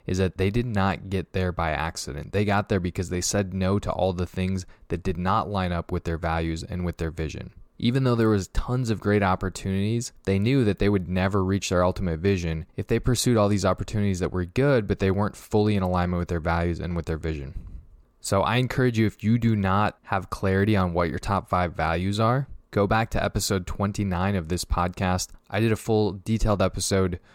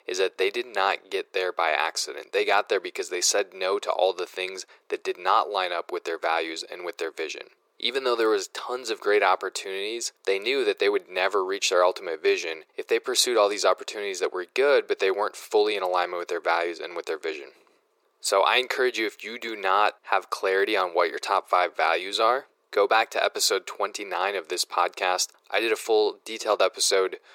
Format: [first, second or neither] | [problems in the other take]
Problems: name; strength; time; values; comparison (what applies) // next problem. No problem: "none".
first | thin; very; fading below 400 Hz